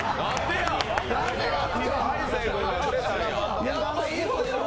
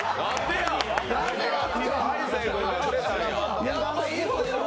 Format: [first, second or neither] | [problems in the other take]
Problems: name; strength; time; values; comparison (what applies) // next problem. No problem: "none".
second | background sound (Explosion); 13 dB below the speech